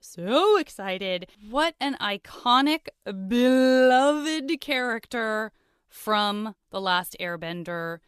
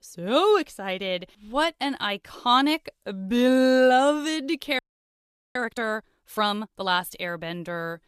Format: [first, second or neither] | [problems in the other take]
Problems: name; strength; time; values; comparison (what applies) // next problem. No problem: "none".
first | audio freezing; at 5 s for 1 s